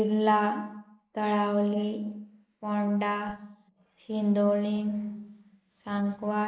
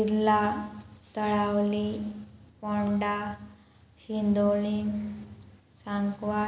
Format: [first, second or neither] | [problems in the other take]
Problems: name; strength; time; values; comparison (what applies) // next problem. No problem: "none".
second | noise reduction (neural mask model Resemble Enhance denoiser)